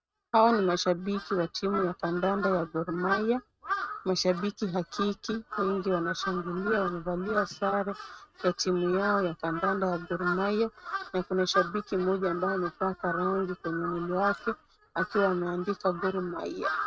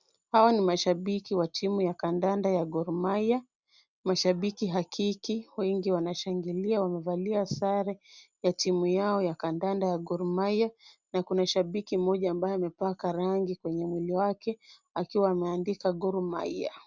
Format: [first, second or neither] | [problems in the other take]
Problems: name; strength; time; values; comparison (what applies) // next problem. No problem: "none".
second | noise reduction (neural mask model RNNoise)